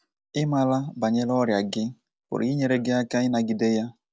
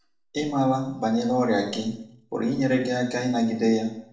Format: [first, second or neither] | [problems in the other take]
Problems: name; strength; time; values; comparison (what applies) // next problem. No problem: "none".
first | room echo; dies away in 0.6 s